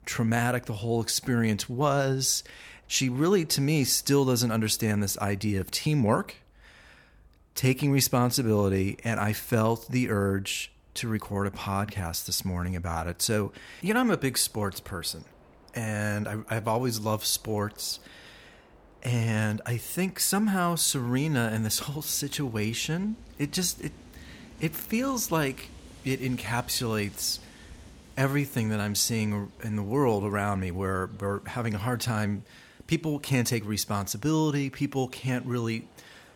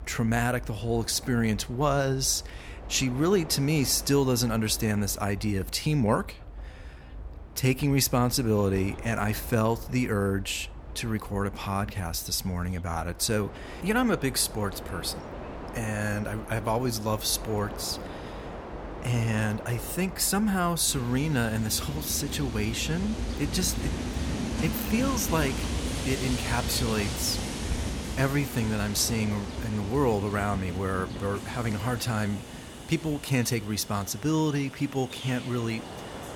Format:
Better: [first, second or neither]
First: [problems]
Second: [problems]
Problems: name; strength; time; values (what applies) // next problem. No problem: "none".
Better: first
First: train or aircraft noise; faint; throughout; 25 dB below the speech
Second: train or aircraft noise; loud; throughout; 10 dB below the speech